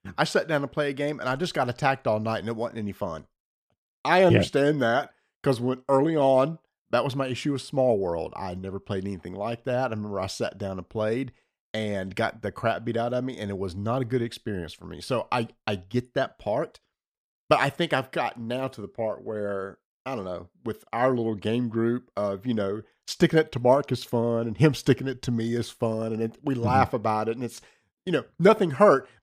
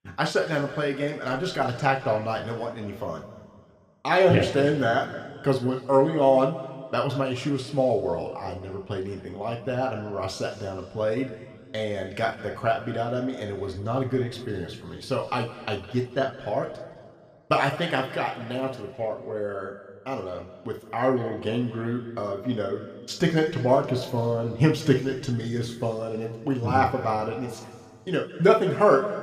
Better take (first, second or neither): first